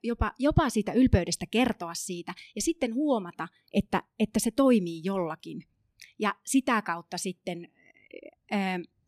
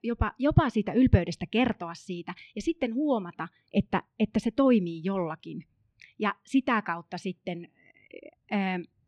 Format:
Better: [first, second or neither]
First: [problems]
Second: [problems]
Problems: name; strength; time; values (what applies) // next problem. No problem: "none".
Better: first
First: none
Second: muffled; slightly; fading above 3 kHz